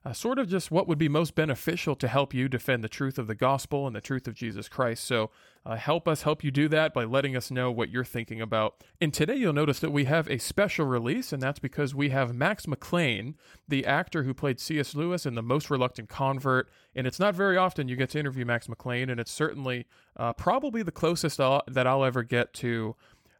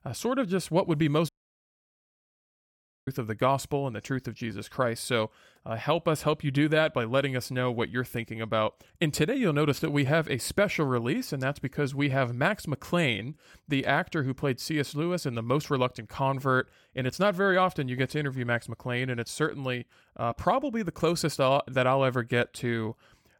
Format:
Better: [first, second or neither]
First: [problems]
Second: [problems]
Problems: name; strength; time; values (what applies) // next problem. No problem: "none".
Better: first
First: none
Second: audio cutting out; at 1.5 s for 2 s